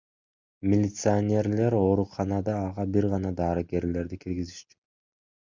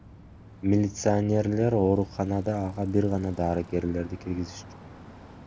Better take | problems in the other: first | background sound (Bicycle); 18 dB below the speech

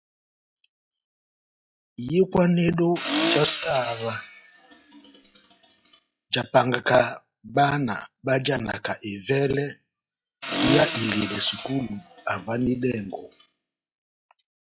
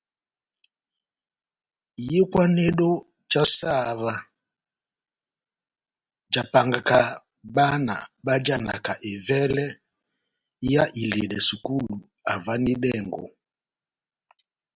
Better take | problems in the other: second | noise reduction (classical method log-MMSE)

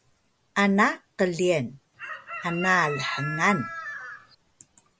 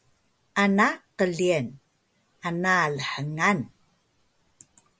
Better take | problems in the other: second | background sound (Chicken, rooster); 8 dB below the speech

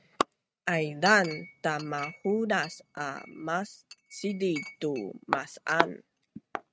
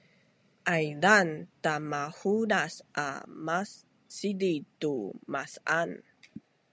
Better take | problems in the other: second | noise reduction (neural mask model RNNoise)

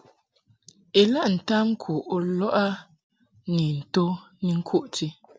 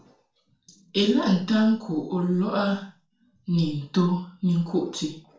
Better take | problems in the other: first | room echo; dies away in 0.4 s

